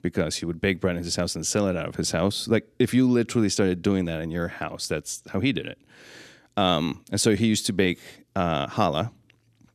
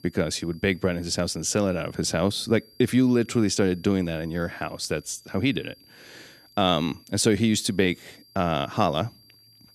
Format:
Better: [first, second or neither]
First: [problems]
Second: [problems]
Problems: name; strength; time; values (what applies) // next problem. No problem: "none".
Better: first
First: none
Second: high-pitched whine; faint; throughout; 4.5 kHz, 30 dB below the speech